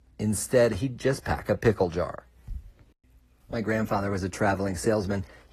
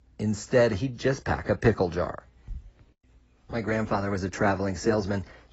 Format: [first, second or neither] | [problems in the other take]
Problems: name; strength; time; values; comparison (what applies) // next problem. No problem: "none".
first | garbled, watery; badly; nothing above 7.5 kHz; slightly in the first